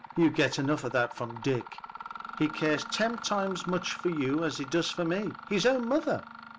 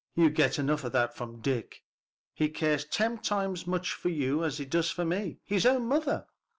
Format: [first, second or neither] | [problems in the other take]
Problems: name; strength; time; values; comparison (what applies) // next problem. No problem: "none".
second | background sound (Mechanisms); 13 dB below the speech